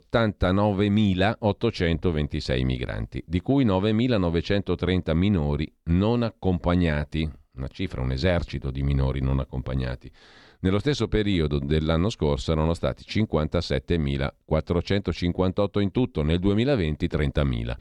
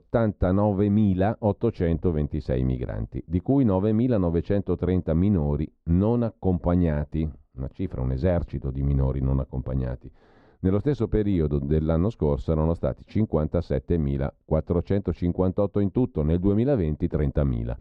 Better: first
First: none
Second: muffled; very; fading above 1.5 kHz

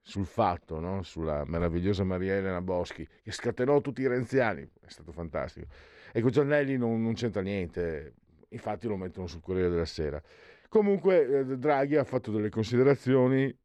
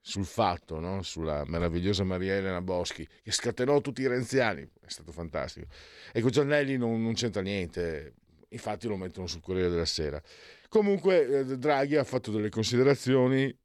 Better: second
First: muffled; slightly; fading above 3 kHz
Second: none

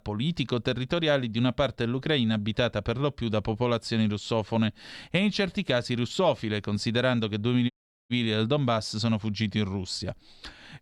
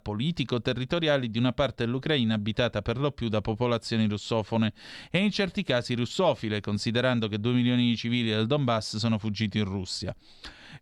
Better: second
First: audio cutting out; at 7.5 s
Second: none

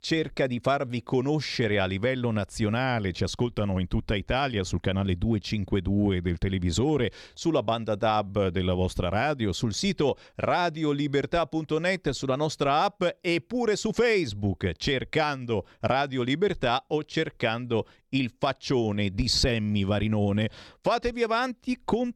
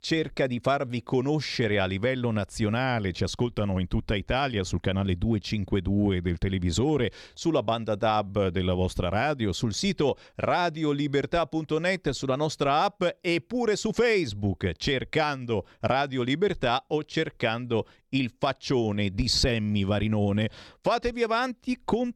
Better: neither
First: none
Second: none

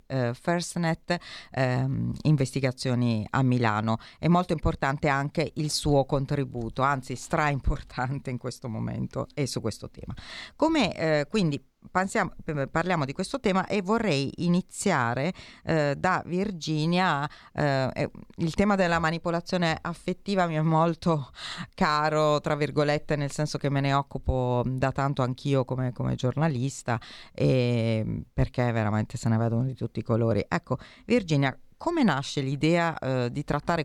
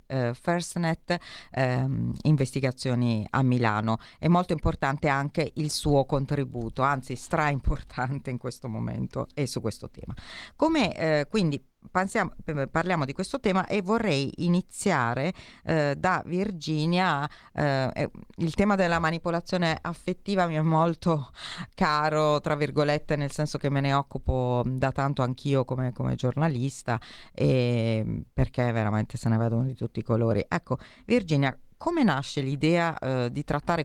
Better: first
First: none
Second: garbled, watery; slightly

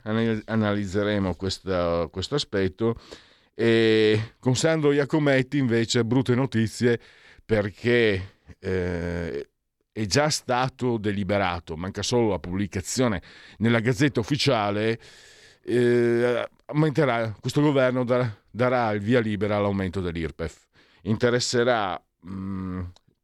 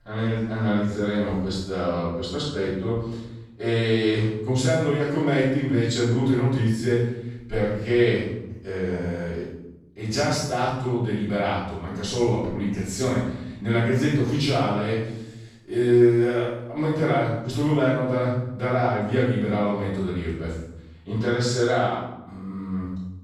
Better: first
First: none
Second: off-mic speech; far // room echo; strong; dies away in 0.9 s

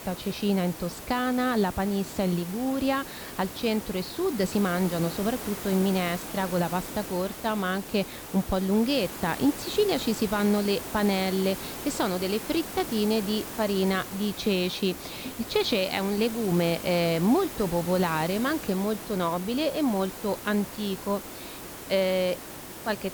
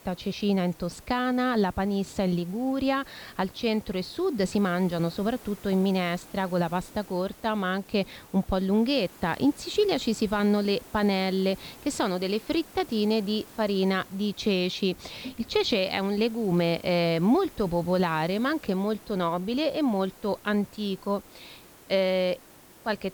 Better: second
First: hiss; loud; throughout; 10 dB below the speech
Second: hiss; faint; throughout; 20 dB below the speech

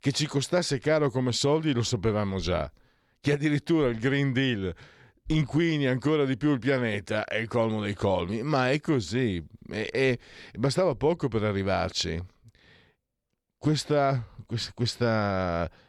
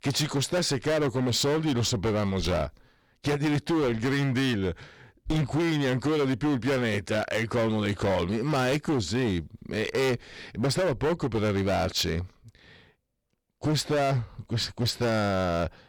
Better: first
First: none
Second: distortion; heavy; 19% of the sound clipped

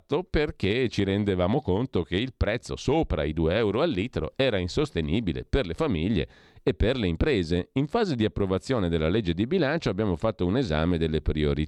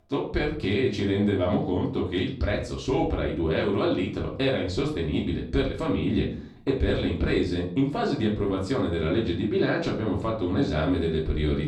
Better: first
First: none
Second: room echo; slight; dies away in 0.4 s // off-mic speech; far

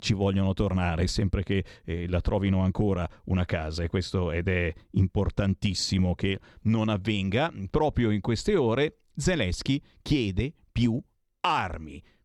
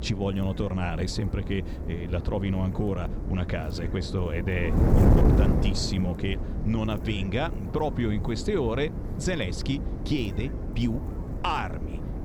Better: first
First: none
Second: wind noise on the microphone; heavy; 5 dB below the speech

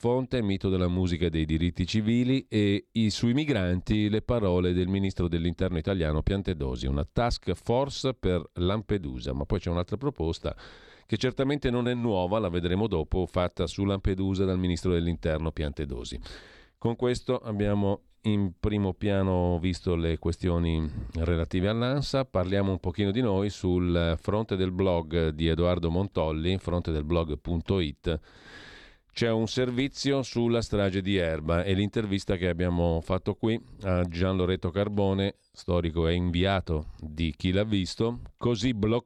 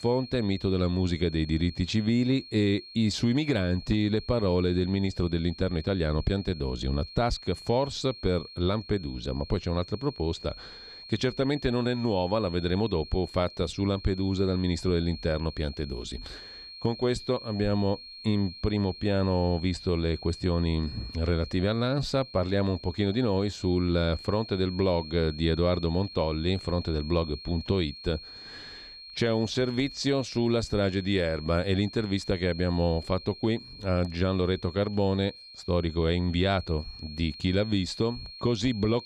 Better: first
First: none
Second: high-pitched whine; noticeable; throughout; 4.5 kHz, 15 dB below the speech

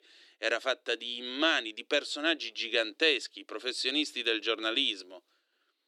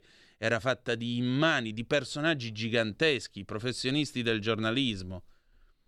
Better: second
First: thin; somewhat; fading below 300 Hz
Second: none

